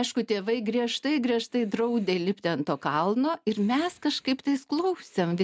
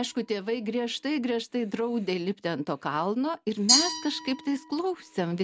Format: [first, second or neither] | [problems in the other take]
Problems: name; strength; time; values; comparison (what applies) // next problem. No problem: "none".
first | background sound (Glass); 5 dB below the speech